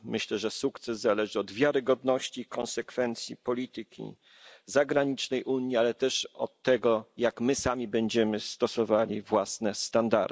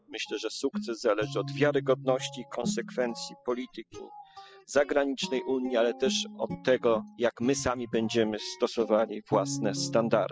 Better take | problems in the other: first | noise reduction (classical method spectral subtraction)

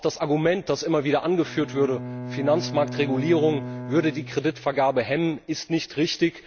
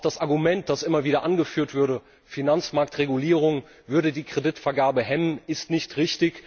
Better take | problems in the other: second | background sound (Bowed string instrument); 12 dB below the speech

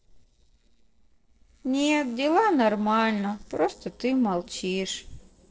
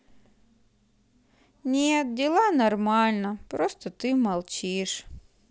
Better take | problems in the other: second | noise reduction (neural separator model SepFormer DNS4)

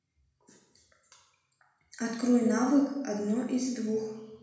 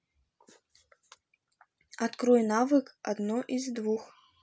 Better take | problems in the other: second | room echo; dies away in 1.1 s

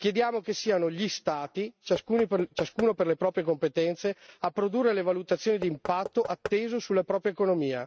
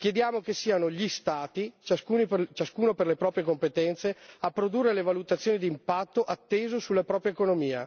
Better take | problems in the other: second | noise reduction (neural mask model RNNoise)

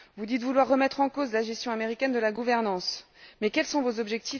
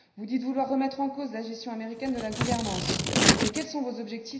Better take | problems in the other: first | background sound (Scissors); 5 dB above the speech // room echo; dies away in 0.9 s

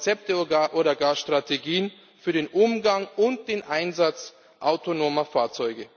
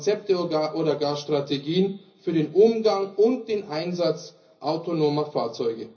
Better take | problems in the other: first | room echo; dies away in 0.5 s

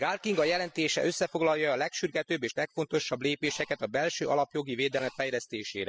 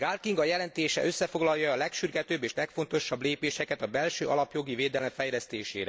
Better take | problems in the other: second | noise reduction (classical method spectral subtraction)

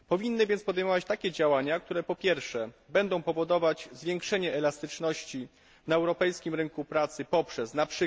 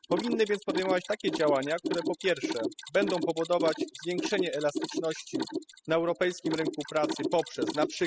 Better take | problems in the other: first | noise reduction (classical method spectral subtraction)

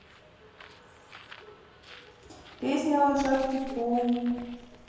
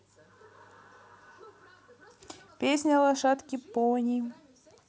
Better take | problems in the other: second | background sound (Bird); 18 dB below the speech // room echo; dies away in 1.2 s

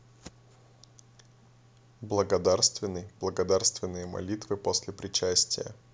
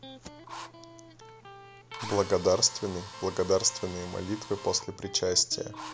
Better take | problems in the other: first | background sound (Electric guitar + Drill); 14 dB below the speech

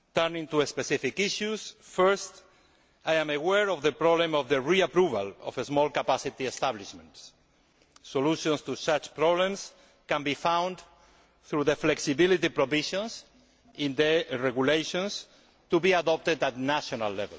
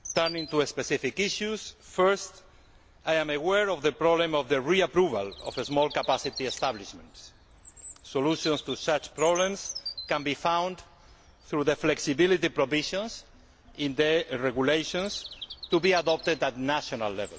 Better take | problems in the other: first | background sound (Bird vocalization, bird call, bird song); 17 dB below the speech

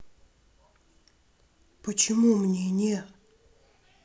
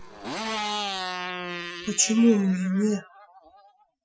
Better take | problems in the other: first | noise reduction (classical method Wiener filter)

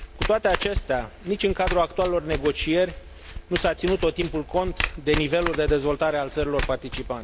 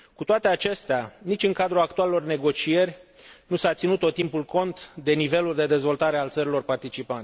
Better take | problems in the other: second | background sound (Domestic sounds, home sounds); 7 dB below the speech

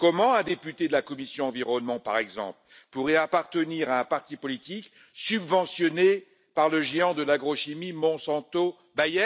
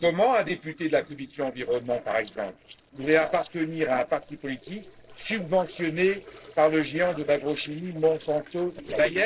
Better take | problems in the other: first | noise reduction (neural separator model SepFormer DNS4)

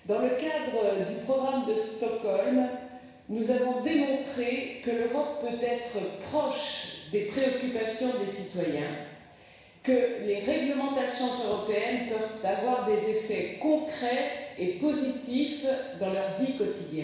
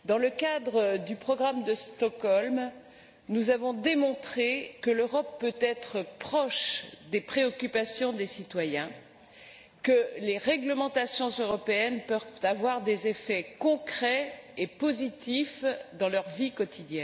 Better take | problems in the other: second | room echo; dies away in 1.1 s

